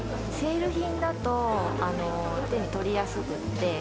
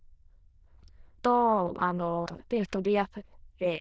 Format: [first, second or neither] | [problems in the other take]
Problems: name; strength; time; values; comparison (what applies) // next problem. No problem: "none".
first | noise reduction (neural diffusion model UNIVERSE++)